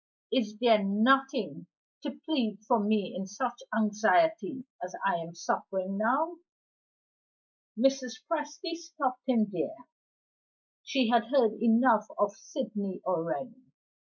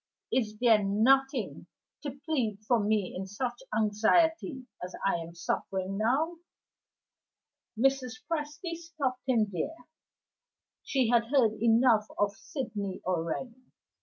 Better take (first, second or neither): second